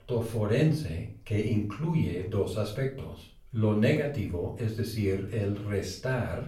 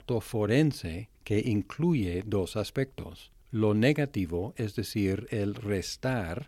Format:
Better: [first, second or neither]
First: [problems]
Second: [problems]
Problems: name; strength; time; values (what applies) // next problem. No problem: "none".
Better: second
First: off-mic speech; far // room echo; slight; dies away in 0.4 s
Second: none